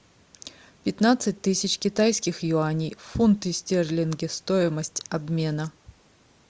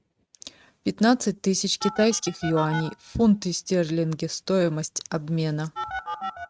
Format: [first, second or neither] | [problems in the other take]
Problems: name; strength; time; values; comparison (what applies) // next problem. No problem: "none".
first | noise reduction (neural mask model RNNoise)